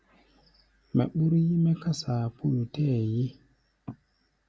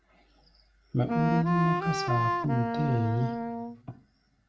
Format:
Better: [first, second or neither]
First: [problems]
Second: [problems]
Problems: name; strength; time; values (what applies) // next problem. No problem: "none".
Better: first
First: none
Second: background sound (Wind instrument, woodwind instrument); as loud as the speech // room echo; dies away in 0.4 s